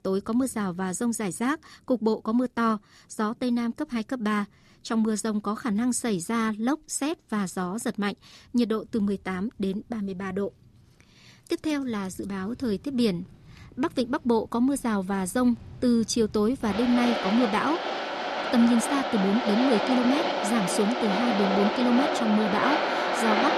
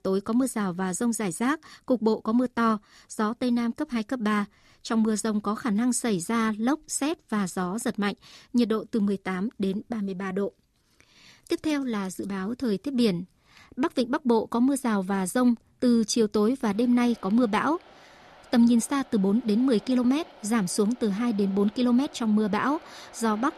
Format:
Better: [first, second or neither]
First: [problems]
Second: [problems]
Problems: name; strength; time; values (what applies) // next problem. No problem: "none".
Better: second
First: rain or running water; loud; throughout; 1 dB below the speech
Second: rain or running water; faint; throughout; 25 dB below the speech